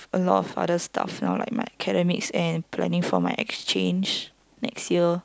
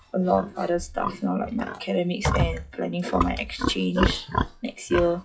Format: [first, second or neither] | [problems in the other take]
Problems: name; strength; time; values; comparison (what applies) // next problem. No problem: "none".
first | noise reduction (classical method WPE with log-MMSE)